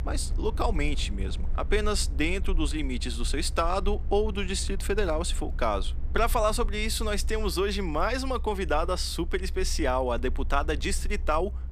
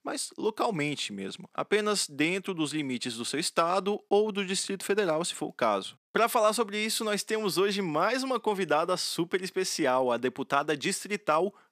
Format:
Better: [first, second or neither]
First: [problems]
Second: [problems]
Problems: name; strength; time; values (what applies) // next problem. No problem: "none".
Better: second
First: low rumble; faint; throughout; 25 dB below the speech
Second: none